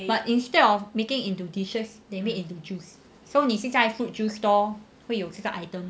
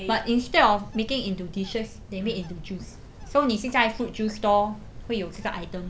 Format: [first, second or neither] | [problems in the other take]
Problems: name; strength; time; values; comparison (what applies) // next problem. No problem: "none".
first | background sound (Bird); 14 dB below the speech